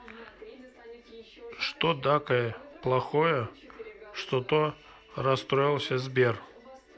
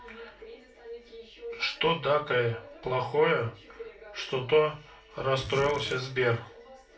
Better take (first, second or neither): first